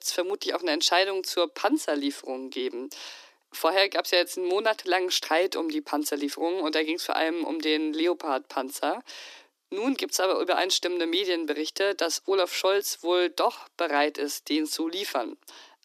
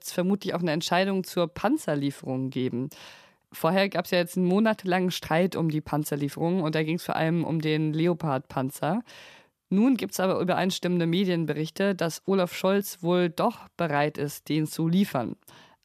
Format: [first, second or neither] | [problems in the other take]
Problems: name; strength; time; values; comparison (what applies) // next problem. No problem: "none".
second | thin; somewhat; fading below 300 Hz